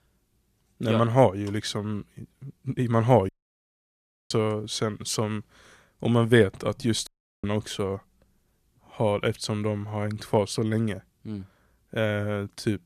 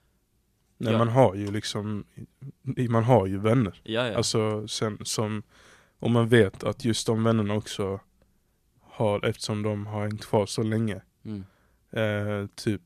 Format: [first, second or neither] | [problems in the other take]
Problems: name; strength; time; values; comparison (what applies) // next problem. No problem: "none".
second | audio cutting out; at 3.5 s for 1 s and at 7 s